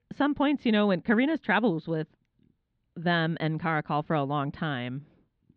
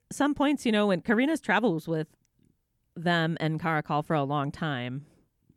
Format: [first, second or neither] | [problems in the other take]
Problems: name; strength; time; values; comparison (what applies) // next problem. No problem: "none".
second | muffled; very slightly; fading above 4 kHz